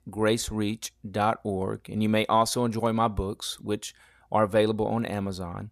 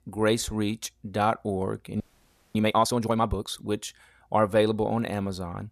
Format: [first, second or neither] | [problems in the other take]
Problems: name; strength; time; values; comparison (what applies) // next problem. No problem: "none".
first | audio freezing; at 2 s for 0.5 s